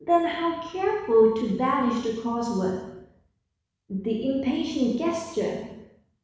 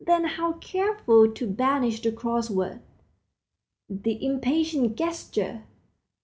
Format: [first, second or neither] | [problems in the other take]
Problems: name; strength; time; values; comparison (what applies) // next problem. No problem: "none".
second | room echo; dies away in 0.9 s